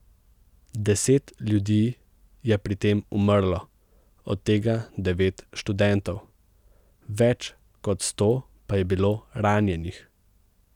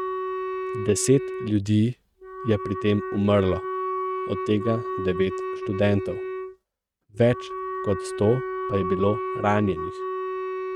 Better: first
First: none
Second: noise reduction (neural mask model RNNoise)

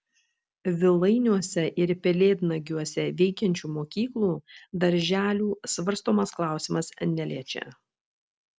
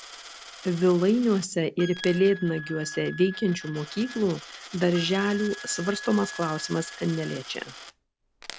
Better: first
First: none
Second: background sound (Wind instrument, woodwind instrument + Coin (dropping)); 14 dB below the speech

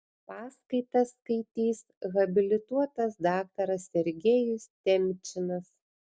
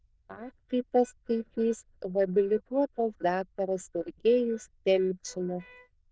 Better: first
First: none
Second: noise reduction (neural diffusion model UNIVERSE++)

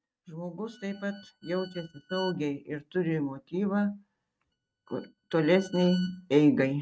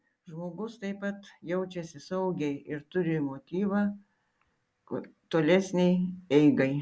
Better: second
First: noise reduction (neural mask model RNNoise)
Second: none

